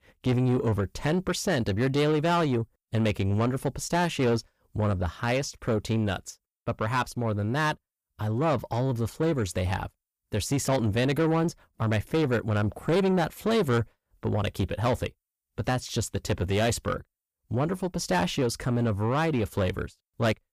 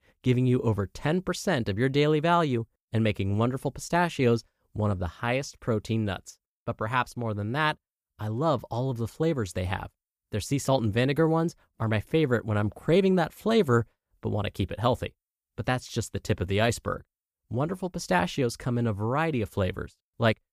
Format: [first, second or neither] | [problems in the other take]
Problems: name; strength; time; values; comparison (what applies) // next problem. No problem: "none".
second | distortion; slight; 10 dB below the speech